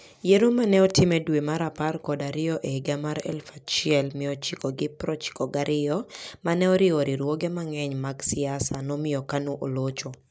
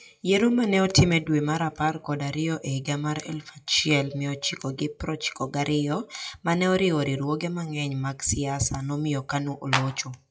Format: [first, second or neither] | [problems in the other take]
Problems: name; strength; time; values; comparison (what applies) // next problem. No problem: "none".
first | noise reduction (classical method WPE with log-MMSE)